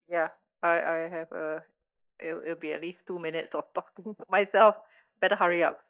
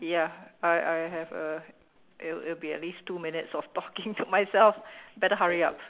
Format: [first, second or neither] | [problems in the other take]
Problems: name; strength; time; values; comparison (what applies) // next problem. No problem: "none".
second | noise reduction (neural mask model DeepFilterNet 3)